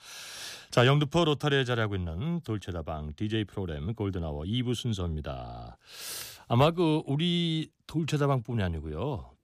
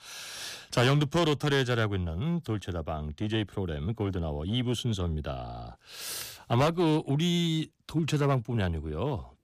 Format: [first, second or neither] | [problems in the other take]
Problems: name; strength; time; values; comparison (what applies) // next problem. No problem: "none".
first | distortion; slight; 6% of the sound clipped